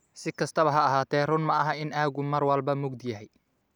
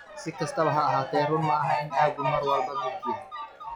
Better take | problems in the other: first | noise reduction (classical method log-MMSE)

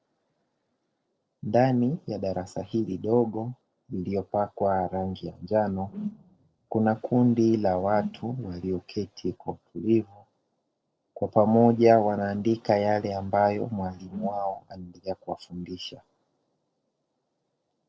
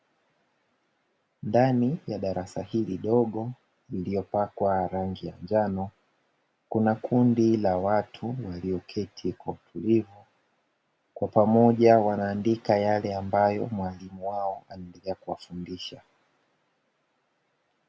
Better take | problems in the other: second | noise reduction (neural separator model SepFormer DNS4)

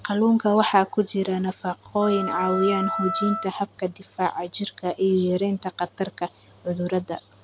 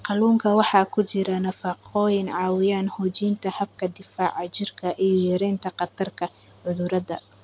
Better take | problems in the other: second | background sound (Wind instrument, woodwind instrument); 6 dB below the speech

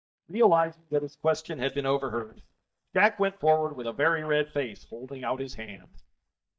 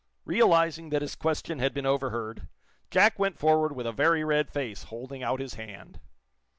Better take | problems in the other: second | noise reduction (neural mask model DeepFilterNet 3)

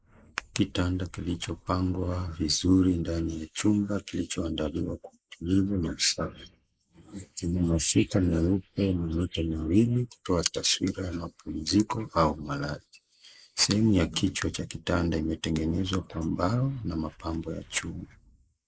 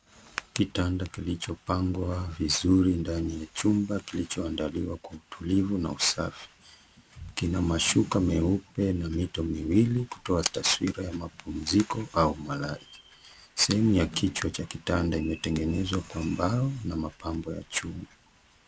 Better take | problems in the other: second | noise reduction (neural mask model Resemble Enhance denoiser)

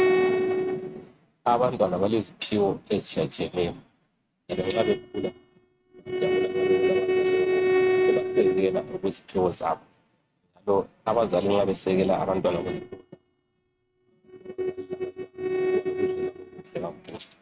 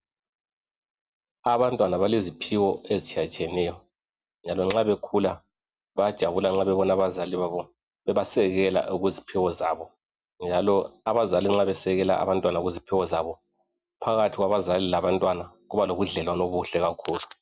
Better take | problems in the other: second | noise reduction (neural mask model RNNoise)

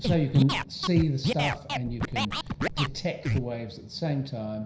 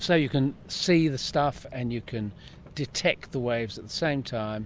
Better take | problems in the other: second | background sound (Scratching (performance technique)); 2 dB below the speech // room echo; dies away in 0.5 s

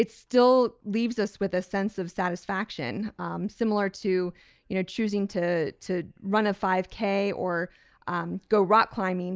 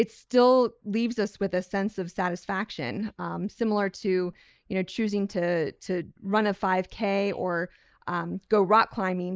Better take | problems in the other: first | noise reduction (neural mask model Resemble Enhance denoiser)

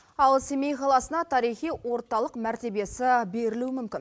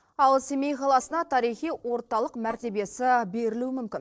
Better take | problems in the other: first | noise reduction (neural separator model SepFormer DNS4)

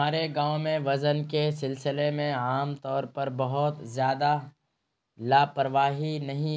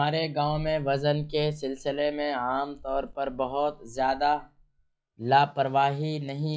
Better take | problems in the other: first | noise reduction (classical method log-MMSE)

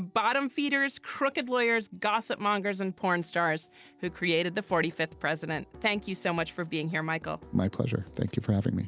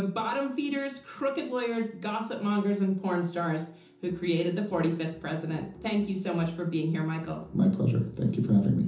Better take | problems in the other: first | room echo; dies away in 0.6 s

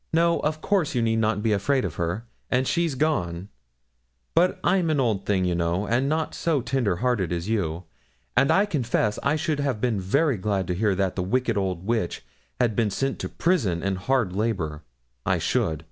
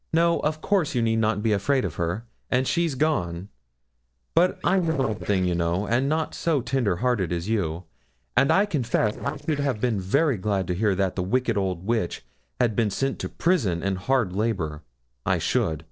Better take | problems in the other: first | noise reduction (neural separator model SepFormer DNS4)

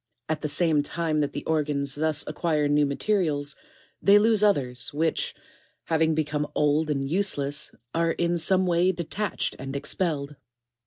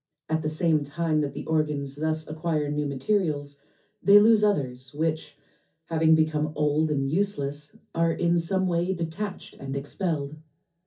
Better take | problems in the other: first | room echo; dies away in 0.3 s

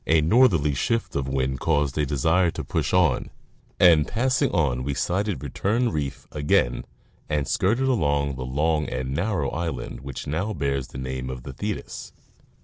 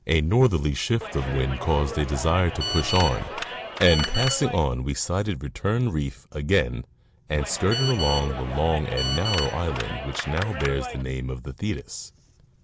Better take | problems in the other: first | background sound (Telephone + Clapping); 6 dB below the speech

